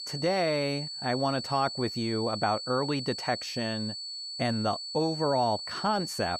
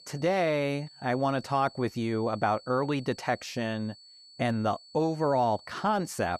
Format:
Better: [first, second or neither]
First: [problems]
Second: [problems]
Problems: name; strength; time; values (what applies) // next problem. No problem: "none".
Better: second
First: high-pitched whine; loud; throughout; 4.5 kHz, 5 dB below the speech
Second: high-pitched whine; faint; throughout; 4.5 kHz, 20 dB below the speech